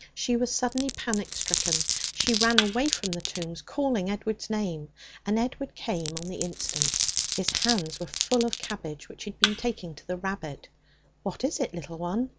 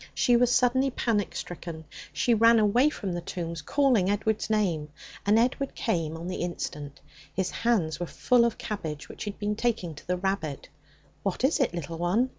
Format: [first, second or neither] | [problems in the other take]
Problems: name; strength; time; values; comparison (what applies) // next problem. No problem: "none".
second | background sound (Glass + Thump, thud); 1 dB below the speech